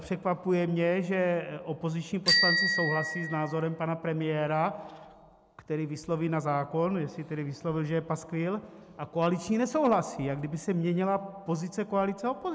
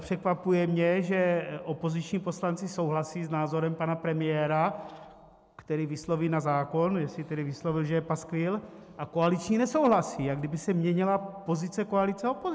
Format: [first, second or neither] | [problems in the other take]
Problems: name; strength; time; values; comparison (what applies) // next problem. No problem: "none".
second | background sound (Bicycle bell); 1 dB below the speech